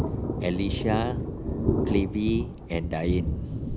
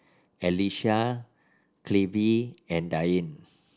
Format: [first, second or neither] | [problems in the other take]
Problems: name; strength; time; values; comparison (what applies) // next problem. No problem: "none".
second | background sound (Thunder); 1 dB above the speech